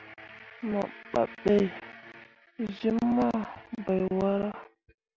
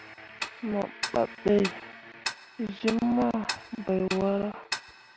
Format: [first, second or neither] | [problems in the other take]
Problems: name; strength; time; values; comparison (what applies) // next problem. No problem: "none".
first | background sound (Tick-tock); 10 dB below the speech